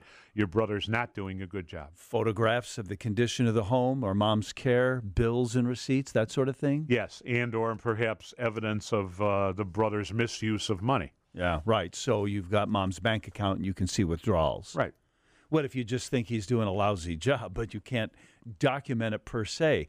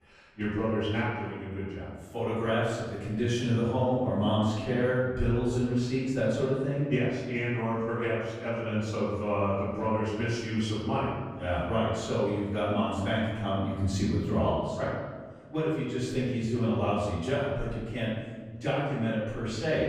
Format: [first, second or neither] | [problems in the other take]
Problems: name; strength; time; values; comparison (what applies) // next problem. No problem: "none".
first | off-mic speech; far // room echo; strong; dies away in 1.3 s